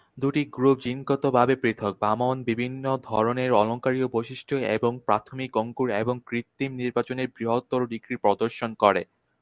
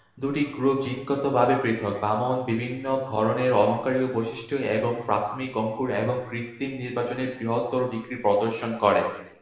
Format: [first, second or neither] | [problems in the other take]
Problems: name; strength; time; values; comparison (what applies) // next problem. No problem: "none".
first | room echo; dies away in 0.8 s